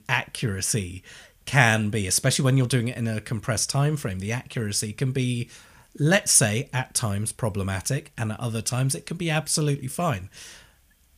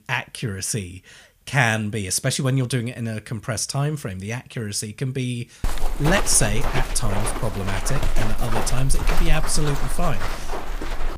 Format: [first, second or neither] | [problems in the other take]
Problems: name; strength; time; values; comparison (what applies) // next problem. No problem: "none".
first | footsteps; noticeable; from 5.5 s on; peak level with the speech